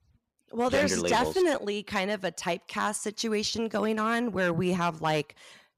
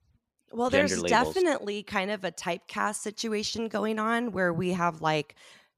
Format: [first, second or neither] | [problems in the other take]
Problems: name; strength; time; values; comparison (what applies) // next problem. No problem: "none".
second | distortion; slight; 4% of the sound clipped